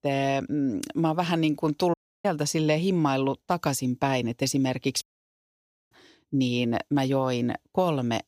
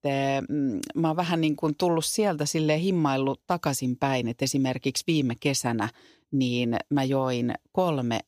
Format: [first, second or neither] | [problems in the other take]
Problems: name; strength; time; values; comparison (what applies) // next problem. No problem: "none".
second | audio cutting out; at 2 s and at 5 s for 1 s